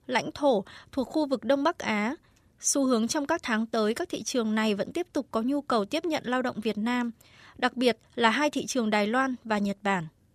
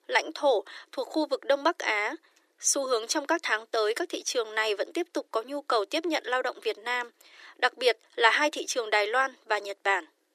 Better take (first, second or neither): first